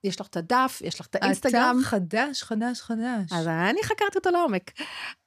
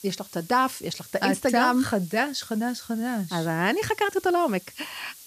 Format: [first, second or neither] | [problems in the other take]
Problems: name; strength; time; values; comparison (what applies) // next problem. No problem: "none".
first | hiss; noticeable; throughout; 20 dB below the speech